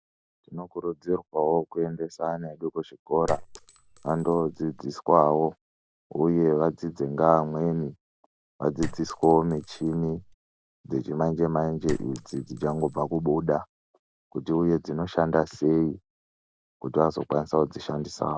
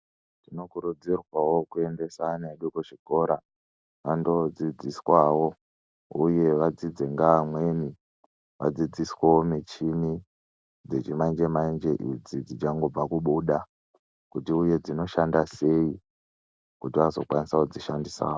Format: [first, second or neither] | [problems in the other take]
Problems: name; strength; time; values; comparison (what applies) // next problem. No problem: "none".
second | background sound (Chink, clink); 13 dB below the speech